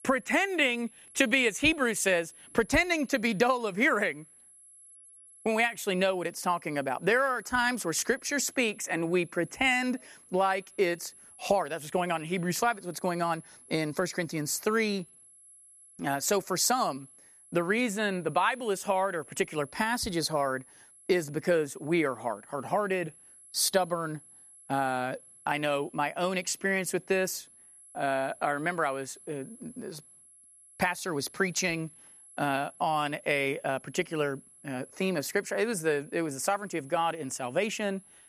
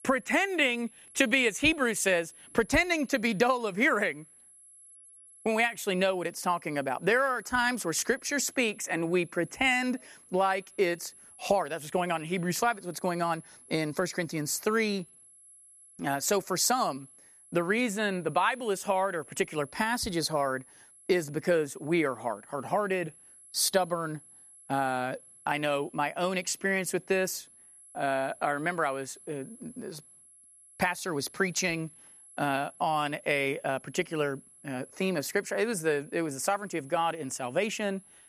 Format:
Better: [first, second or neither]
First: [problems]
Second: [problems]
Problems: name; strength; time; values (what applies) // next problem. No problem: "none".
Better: neither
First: high-pitched whine; faint; throughout; 11 kHz, 25 dB below the speech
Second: high-pitched whine; faint; throughout; 11 kHz, 25 dB below the speech